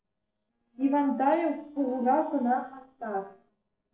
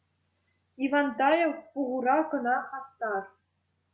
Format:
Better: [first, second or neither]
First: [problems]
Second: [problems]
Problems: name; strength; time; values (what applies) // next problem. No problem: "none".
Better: second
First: noise reduction (neural separator model SepFormer DNS4)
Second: none